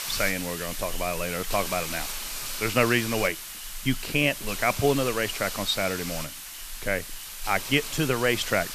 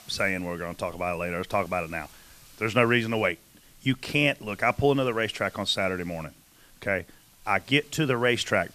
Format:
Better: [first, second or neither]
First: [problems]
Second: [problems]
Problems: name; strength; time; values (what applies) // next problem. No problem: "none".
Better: second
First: hiss; loud; throughout; 6 dB below the speech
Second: hiss; faint; throughout; 25 dB below the speech